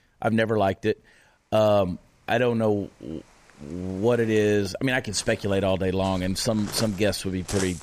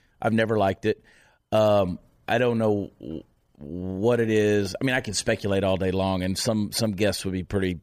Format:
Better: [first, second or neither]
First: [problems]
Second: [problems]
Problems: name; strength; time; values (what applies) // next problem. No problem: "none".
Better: second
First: rain or running water; noticeable; throughout; 15 dB below the speech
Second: none